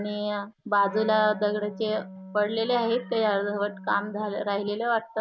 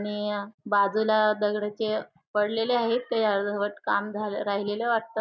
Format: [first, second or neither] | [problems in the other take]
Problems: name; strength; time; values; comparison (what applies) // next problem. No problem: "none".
second | background sound (Wind instrument, woodwind instrument); 15 dB below the speech